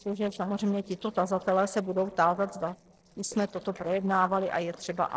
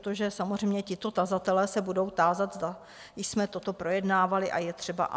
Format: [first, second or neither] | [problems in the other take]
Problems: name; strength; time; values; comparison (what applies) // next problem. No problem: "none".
second | noise reduction (neural separator model SepFormer DNS4)